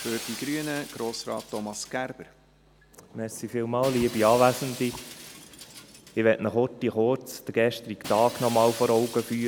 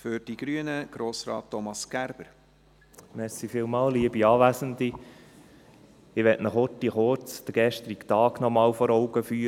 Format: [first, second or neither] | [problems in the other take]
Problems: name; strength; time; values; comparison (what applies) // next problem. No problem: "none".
second | background sound (Shatter); 15 dB below the speech